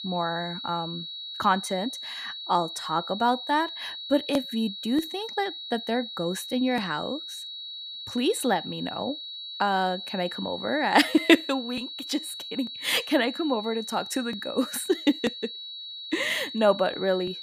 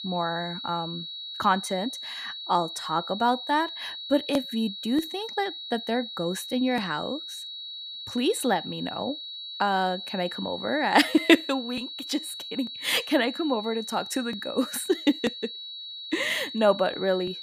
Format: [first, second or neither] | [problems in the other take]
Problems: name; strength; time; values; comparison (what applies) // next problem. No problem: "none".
neither | high-pitched whine; loud; throughout; 4 kHz, 8 dB below the speech; the same in both